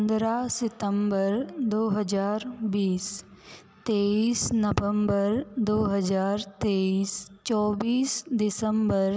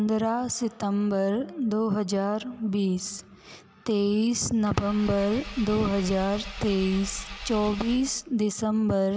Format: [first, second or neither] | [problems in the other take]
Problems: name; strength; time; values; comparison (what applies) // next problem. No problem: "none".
first | background sound (Engine / Car); 13 dB below the speech